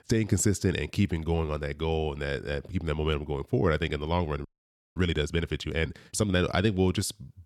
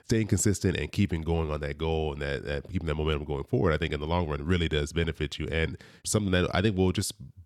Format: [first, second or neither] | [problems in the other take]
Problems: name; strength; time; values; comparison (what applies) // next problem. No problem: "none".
second | audio freezing; at 4.5 s for 0.5 s